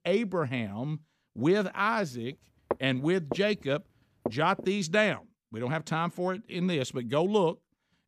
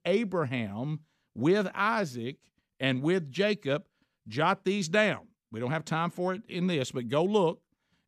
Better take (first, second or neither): second